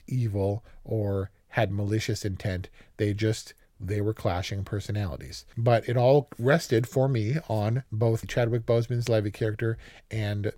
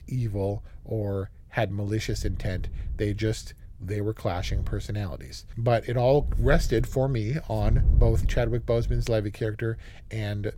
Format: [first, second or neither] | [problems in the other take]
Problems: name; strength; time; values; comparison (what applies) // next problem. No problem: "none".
first | wind noise on the microphone; occasional gusts; 20 dB below the speech